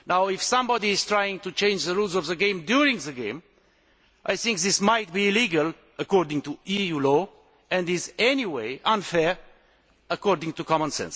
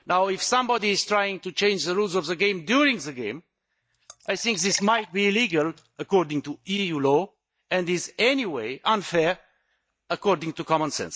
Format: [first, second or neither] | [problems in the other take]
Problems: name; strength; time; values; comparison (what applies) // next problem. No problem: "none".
first | noise reduction (neural mask model DeepFilterNet 3)